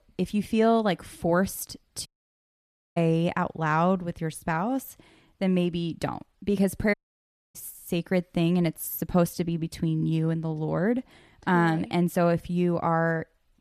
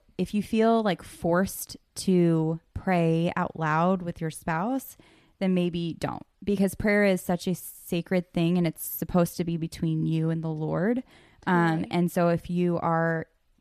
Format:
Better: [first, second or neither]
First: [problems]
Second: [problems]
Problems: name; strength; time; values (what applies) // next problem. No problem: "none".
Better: second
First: audio cutting out; at 2 s for 1 s and at 7 s for 0.5 s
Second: none